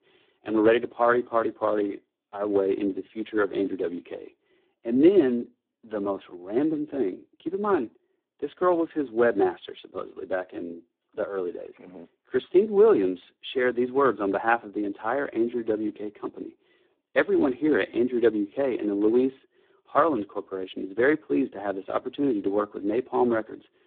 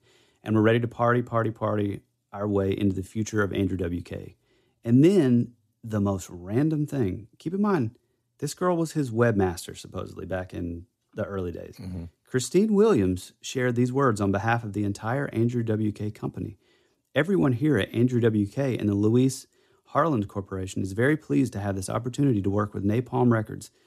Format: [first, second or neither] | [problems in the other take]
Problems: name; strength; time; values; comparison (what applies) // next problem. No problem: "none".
second | phone-call audio; poor line; nothing above 3.5 kHz